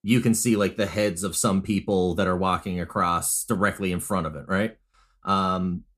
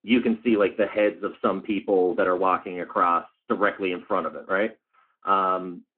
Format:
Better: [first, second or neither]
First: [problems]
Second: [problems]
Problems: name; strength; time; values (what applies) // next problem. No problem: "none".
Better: first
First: none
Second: phone-call audio